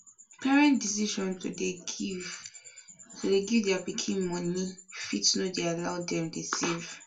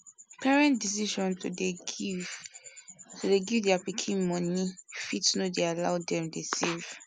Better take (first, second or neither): second